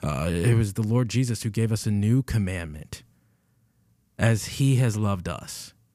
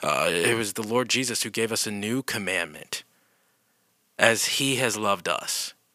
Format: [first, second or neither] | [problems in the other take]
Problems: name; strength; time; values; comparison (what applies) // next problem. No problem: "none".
first | thin; very; fading below 500 Hz